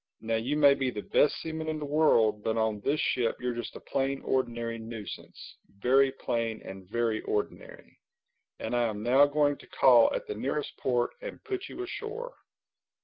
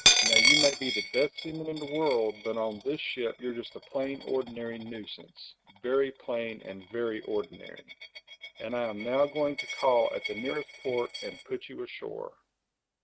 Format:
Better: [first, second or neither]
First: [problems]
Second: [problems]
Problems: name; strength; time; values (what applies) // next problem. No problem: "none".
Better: first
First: none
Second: noise reduction (neural mask model RNNoise)